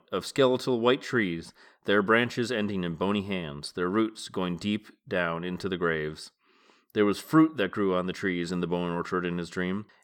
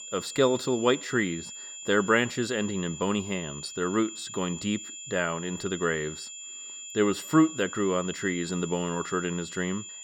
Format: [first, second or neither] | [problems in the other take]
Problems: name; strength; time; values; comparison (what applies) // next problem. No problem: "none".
first | high-pitched whine; noticeable; throughout; 7 kHz, 10 dB below the speech